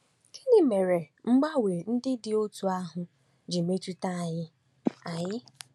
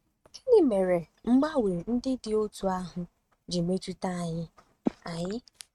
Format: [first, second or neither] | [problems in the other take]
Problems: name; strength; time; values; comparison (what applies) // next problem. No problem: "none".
first | noise reduction (neural mask model RNNoise)